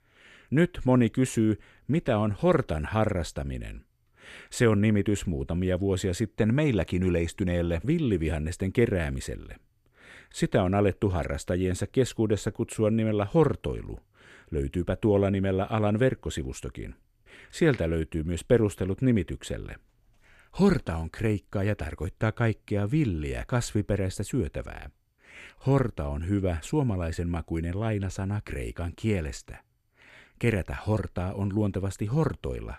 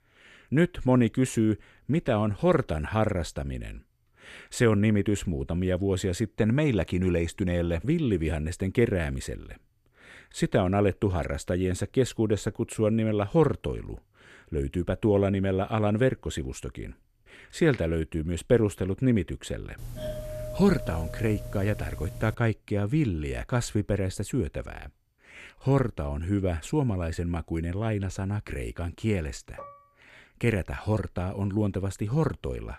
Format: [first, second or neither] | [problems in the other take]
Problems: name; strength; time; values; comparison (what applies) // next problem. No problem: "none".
first | doorbell; noticeable; from 20 to 22 s; peak 8 dB below the speech // clattering dishes; faint; at 30 s; peak 20 dB below the speech